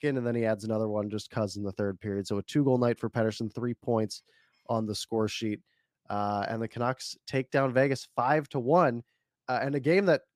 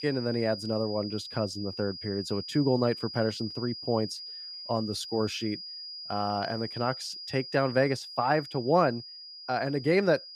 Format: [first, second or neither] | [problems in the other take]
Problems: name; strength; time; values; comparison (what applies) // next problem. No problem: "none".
first | high-pitched whine; loud; throughout; 5 kHz, 10 dB below the speech